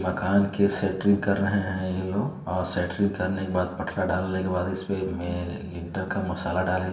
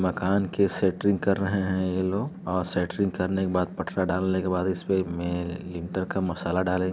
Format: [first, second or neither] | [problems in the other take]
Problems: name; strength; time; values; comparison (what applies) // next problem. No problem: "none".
second | room echo; dies away in 0.8 s